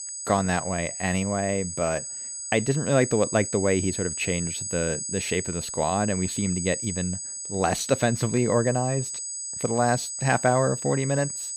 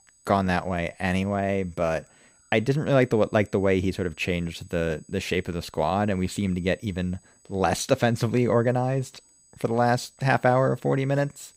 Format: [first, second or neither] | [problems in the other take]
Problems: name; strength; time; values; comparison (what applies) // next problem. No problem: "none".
second | high-pitched whine; loud; throughout; 8 kHz, 5 dB below the speech; faint in the second